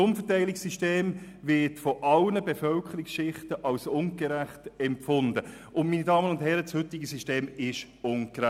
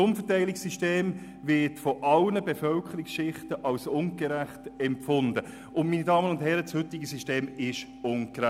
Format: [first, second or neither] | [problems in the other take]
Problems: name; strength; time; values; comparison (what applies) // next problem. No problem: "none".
first | background sound (Organ); 20 dB below the speech